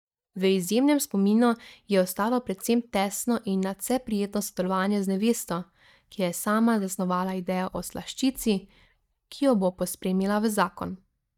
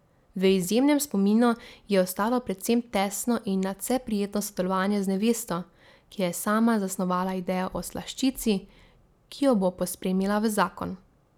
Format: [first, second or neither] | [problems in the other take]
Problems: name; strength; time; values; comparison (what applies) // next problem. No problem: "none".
second | noise reduction (neural mask model DeepFilterNet 3)